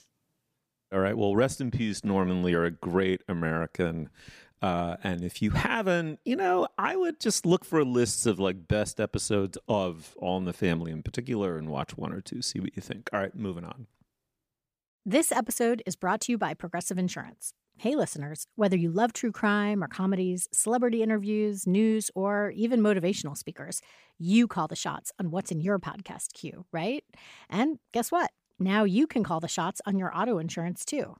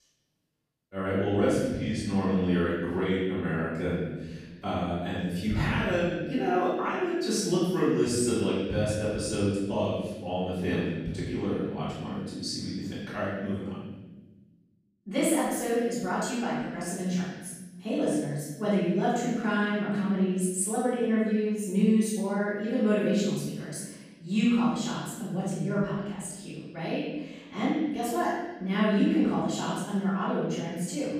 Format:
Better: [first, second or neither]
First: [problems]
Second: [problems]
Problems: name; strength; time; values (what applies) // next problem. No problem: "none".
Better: first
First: none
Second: off-mic speech; far // room echo; strong; dies away in 1.1 s